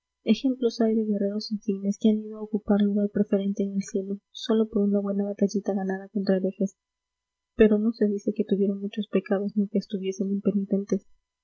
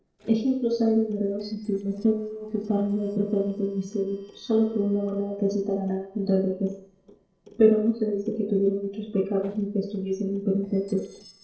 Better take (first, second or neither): first